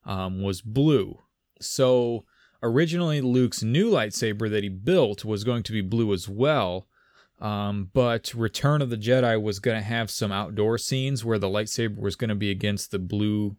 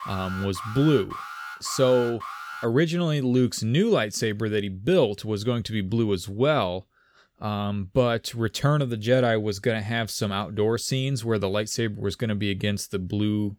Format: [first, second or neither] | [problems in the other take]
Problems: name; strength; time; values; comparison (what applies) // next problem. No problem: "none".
first | alarm; faint; until 2.5 s; peak 10 dB below the speech